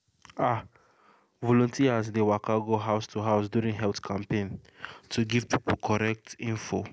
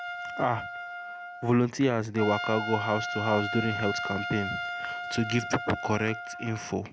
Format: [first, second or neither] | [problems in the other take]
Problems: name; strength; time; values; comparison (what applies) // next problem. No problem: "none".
first | background sound (Trumpet); 6 dB below the speech